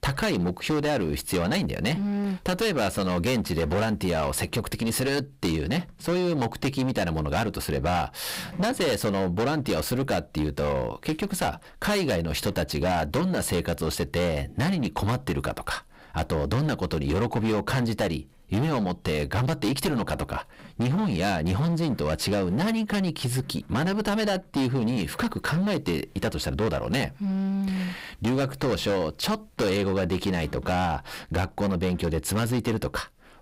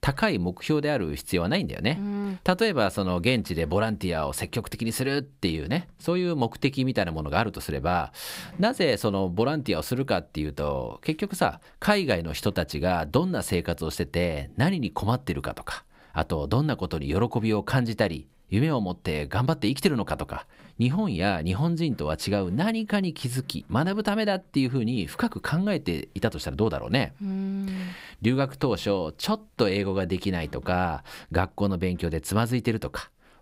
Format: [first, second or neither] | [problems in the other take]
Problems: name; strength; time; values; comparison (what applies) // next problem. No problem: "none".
second | distortion; heavy; 21% of the sound clipped